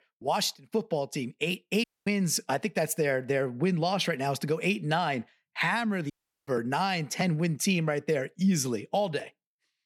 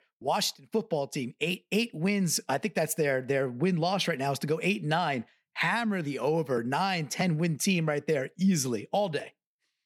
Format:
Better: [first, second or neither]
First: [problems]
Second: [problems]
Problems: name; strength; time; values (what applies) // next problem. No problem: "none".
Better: second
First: audio cutting out; at 2 s and at 6 s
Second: none